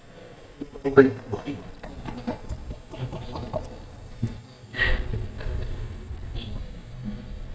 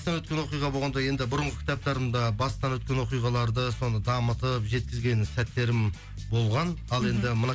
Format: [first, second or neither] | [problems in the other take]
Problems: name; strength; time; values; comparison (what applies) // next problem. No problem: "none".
second | noise reduction (neural mask model DeepFilterNet 3)